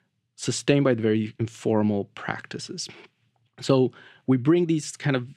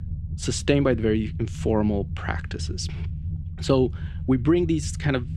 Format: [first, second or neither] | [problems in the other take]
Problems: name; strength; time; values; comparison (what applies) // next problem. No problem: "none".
first | low rumble; noticeable; throughout; 20 dB below the speech